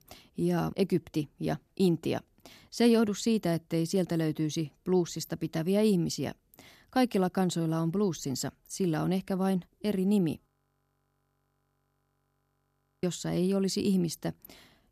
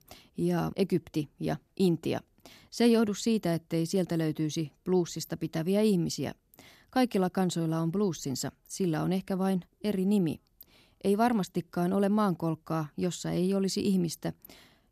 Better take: second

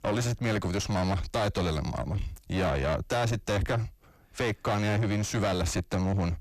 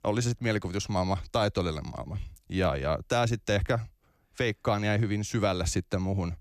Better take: second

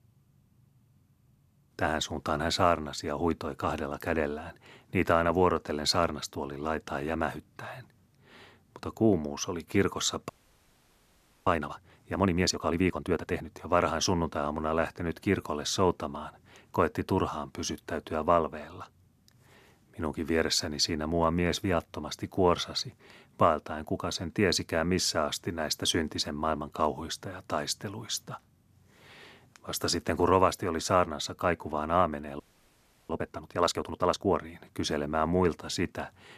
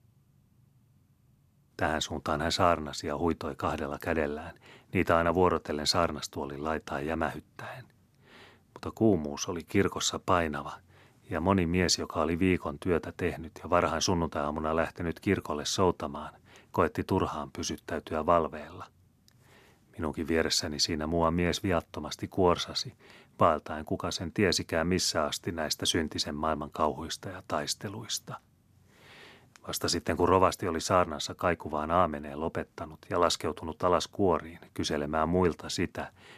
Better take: second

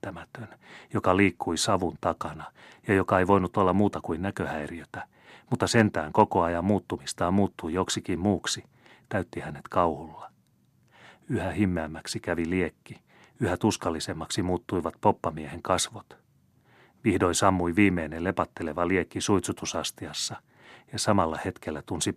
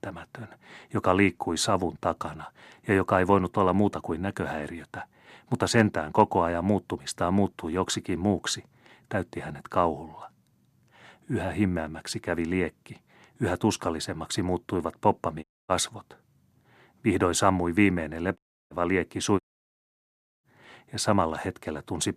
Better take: first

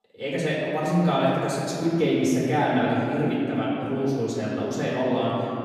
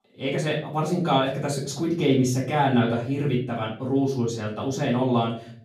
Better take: second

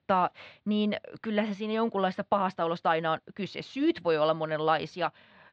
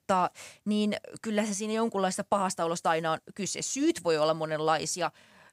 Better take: second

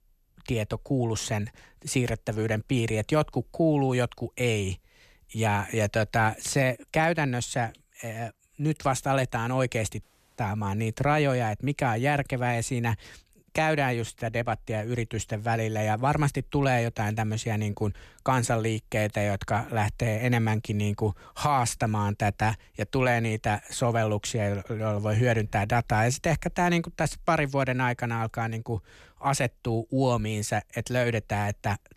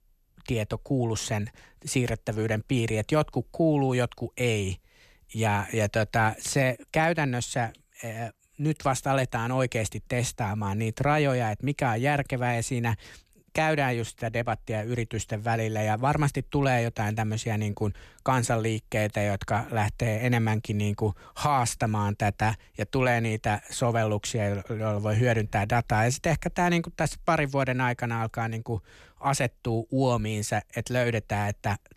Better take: second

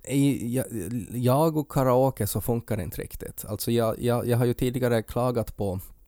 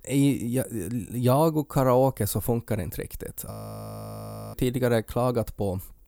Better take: first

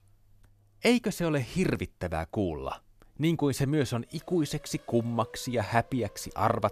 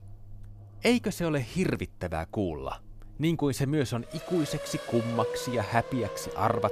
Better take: first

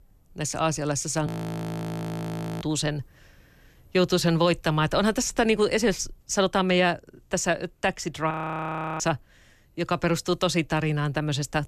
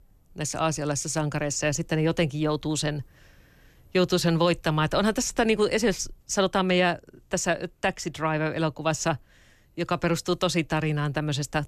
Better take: second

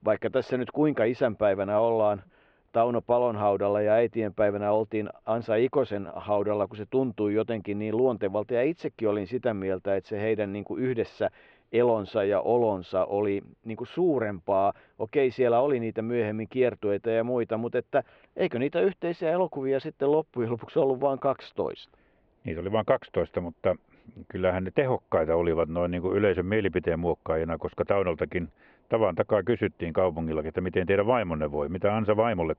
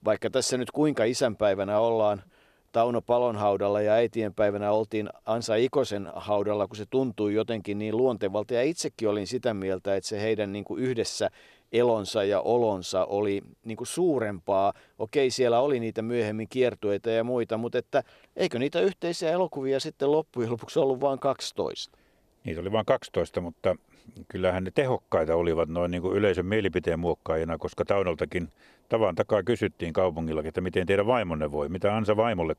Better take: second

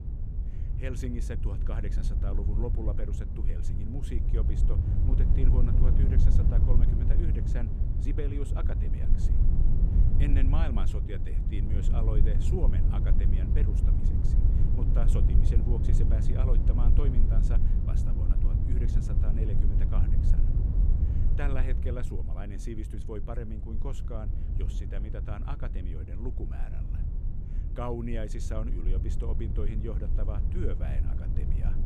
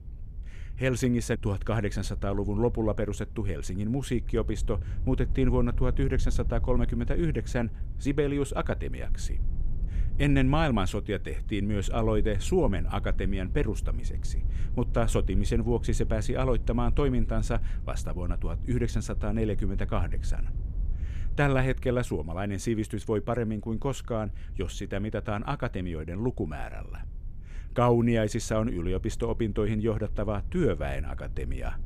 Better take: second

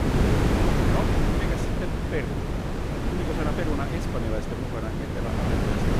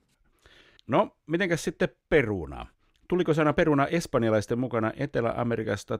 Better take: second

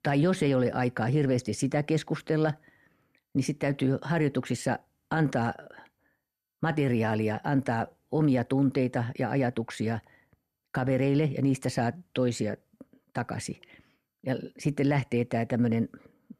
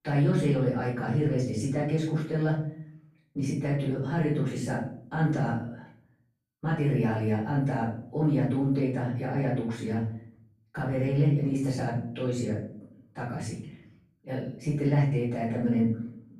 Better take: first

